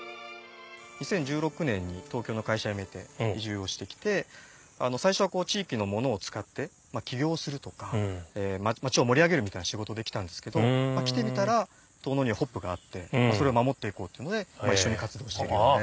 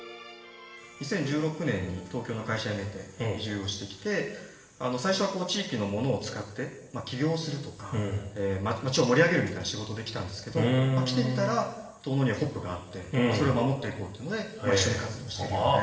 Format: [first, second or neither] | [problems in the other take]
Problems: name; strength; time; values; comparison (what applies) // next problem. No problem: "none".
first | room echo; dies away in 0.9 s